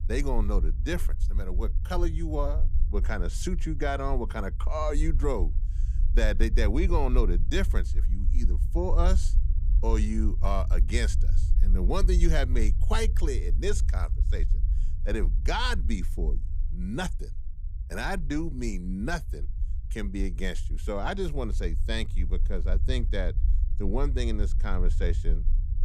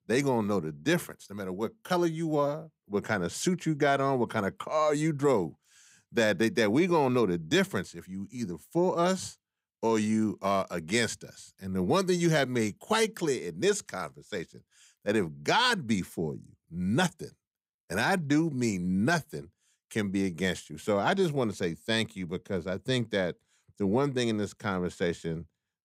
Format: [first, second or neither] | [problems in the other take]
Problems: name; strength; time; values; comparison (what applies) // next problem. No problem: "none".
second | low rumble; noticeable; throughout; 15 dB below the speech